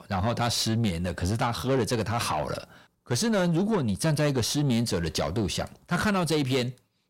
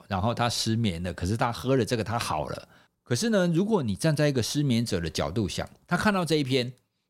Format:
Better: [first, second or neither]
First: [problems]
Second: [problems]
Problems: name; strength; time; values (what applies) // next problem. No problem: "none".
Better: second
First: distortion; slight; 10 dB below the speech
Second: none